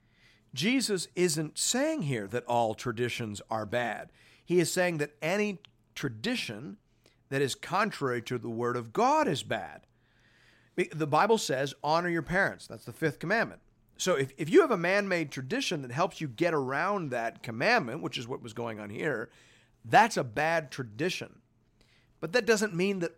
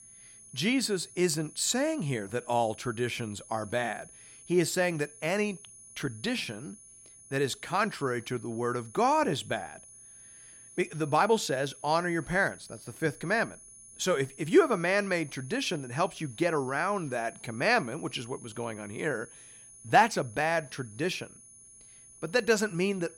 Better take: first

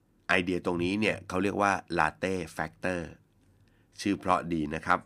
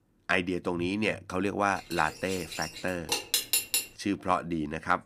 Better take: first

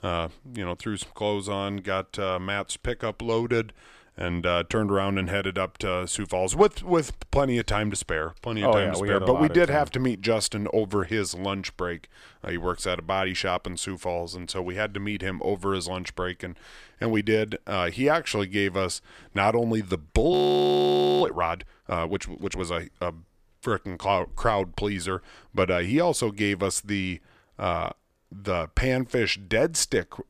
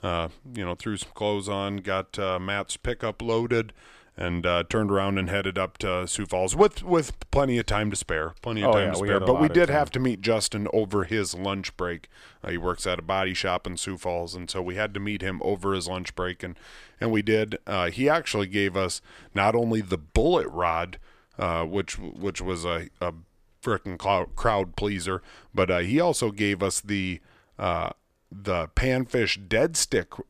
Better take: second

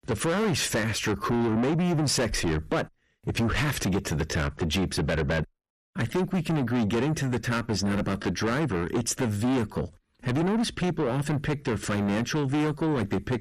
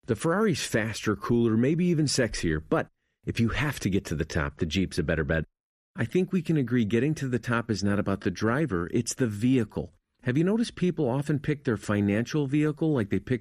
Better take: second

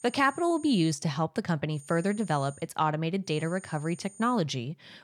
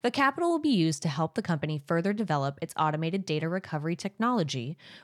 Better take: second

